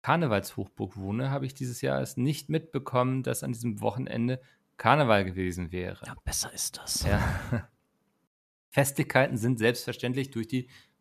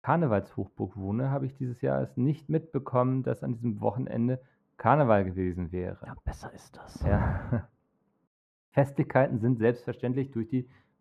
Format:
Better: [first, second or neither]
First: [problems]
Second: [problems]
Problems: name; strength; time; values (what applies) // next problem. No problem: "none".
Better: first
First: none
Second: muffled; very; fading above 2.5 kHz